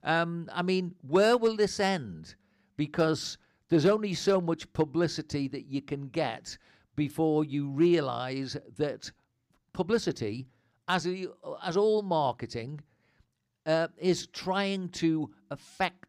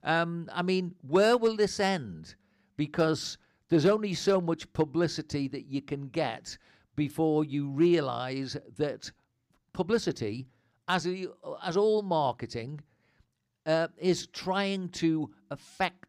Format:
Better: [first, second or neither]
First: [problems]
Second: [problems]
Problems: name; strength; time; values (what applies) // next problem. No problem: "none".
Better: neither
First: none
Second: none